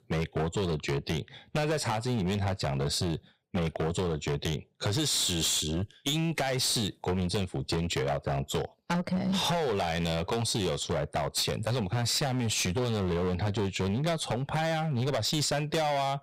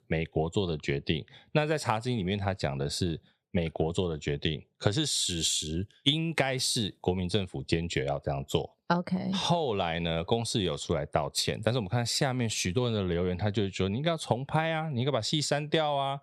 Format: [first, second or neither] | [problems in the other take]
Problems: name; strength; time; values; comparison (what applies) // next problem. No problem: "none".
second | distortion; heavy; 20% of the sound clipped